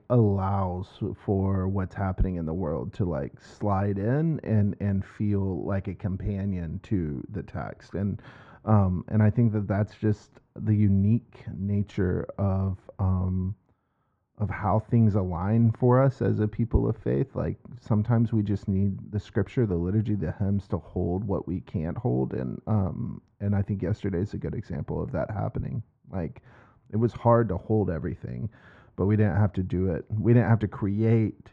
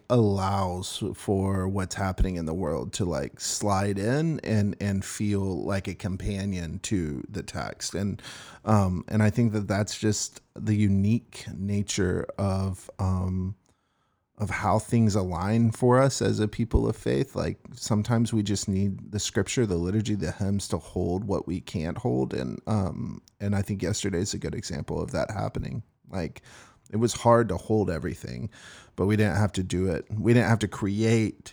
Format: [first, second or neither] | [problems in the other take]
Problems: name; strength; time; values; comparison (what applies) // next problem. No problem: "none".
second | muffled; very; fading above 1.5 kHz